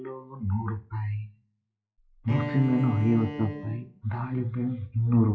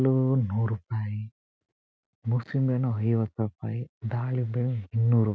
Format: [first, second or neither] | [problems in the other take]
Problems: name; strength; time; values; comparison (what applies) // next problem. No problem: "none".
second | noise reduction (classical method WPE with log-MMSE)